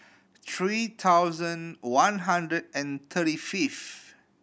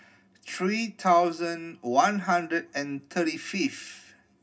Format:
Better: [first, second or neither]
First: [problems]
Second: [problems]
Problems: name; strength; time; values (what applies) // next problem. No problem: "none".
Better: first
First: none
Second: room echo; dies away in 0.4 s